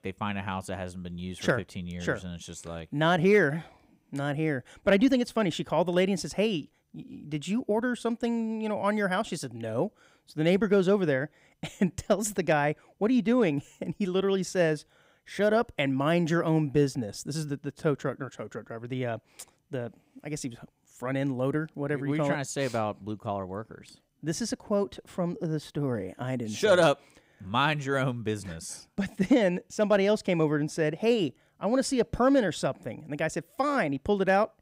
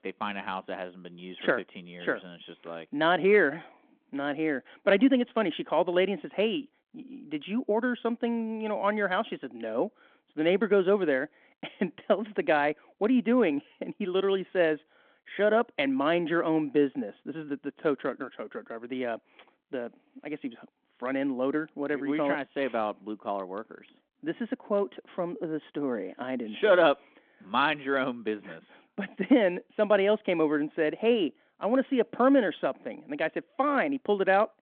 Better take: first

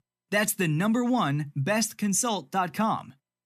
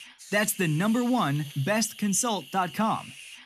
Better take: first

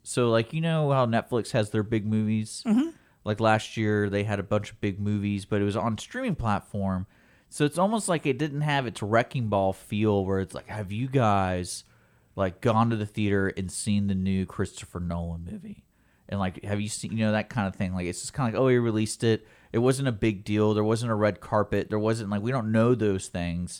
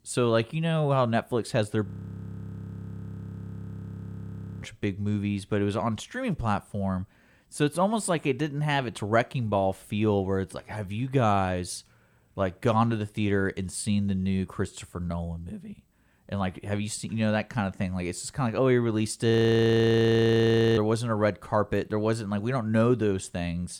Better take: first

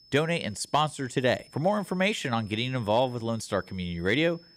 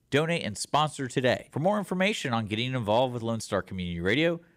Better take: second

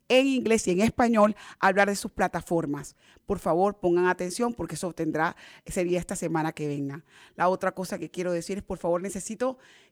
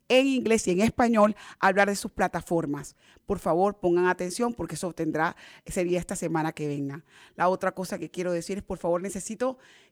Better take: neither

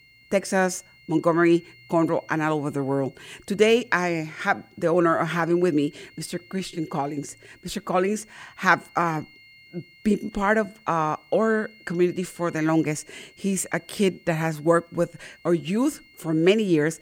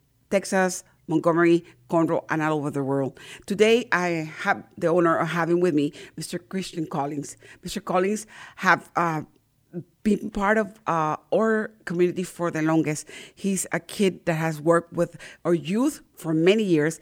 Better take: second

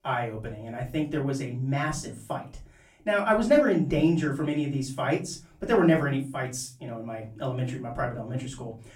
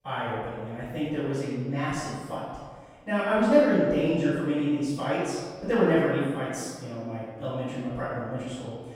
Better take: first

